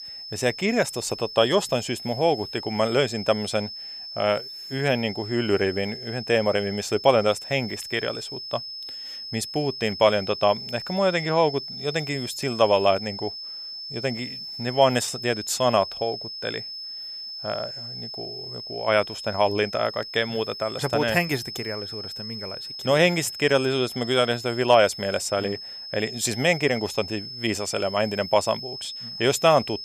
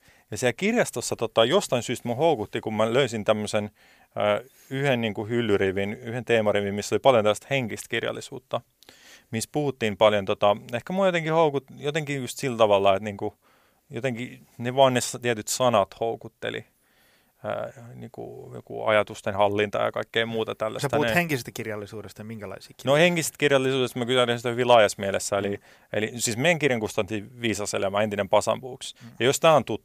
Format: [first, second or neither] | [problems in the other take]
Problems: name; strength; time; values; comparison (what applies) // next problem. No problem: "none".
second | high-pitched whine; loud; throughout; 5 kHz, 9 dB below the speech